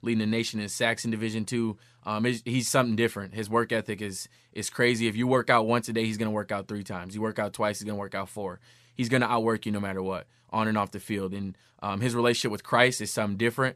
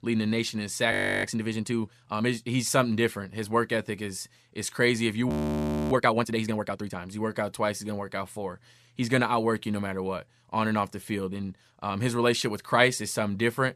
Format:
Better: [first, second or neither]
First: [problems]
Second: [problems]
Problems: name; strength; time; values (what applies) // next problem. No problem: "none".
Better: first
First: none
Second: audio freezing; at 1 s and at 5.5 s for 0.5 s